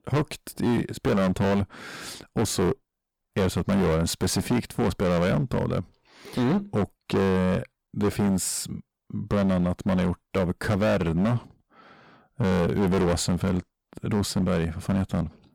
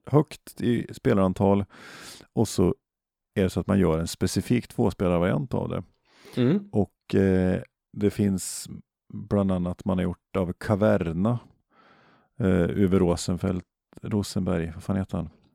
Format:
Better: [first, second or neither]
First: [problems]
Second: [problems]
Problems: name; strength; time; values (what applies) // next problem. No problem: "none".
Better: second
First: distortion; heavy; 17% of the sound clipped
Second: none